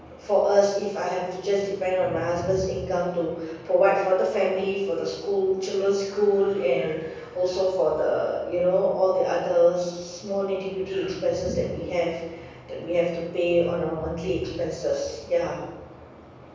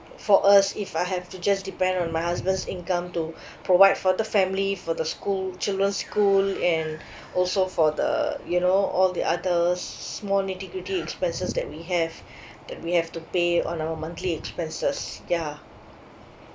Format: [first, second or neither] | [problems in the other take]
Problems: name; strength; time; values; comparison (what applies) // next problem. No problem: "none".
second | room echo; dies away in 1.1 s